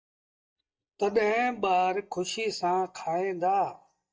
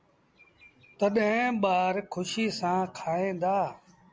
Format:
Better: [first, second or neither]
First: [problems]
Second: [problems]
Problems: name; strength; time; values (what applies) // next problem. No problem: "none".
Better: second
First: noise reduction (neural mask model DeepFilterNet 3)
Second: none